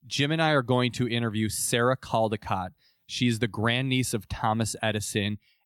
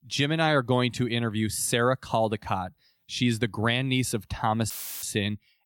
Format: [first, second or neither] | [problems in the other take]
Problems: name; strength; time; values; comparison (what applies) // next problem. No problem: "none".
first | audio cutting out; filled with static; at 4.5 s